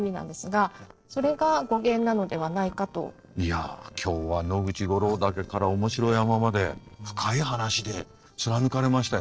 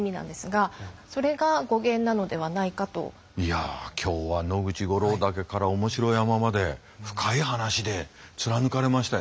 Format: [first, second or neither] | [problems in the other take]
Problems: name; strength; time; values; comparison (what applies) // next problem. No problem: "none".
second | noise reduction (neural separator model SepFormer DNS4)